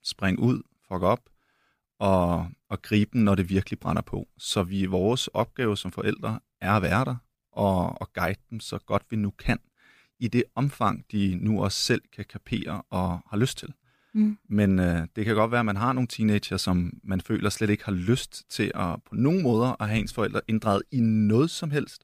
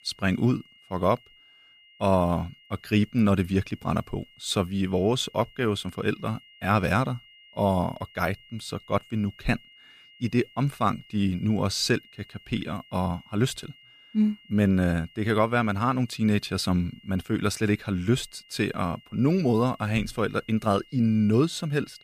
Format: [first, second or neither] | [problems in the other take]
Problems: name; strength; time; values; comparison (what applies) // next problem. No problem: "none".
first | high-pitched whine; faint; throughout; 3 kHz, 25 dB below the speech